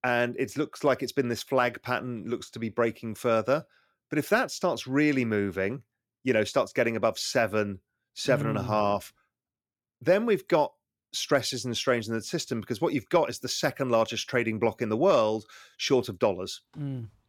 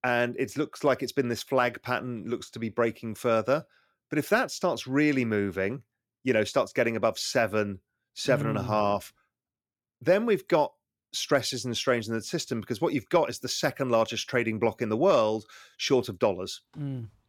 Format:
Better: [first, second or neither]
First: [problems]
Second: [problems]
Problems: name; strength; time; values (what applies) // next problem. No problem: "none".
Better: neither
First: none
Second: none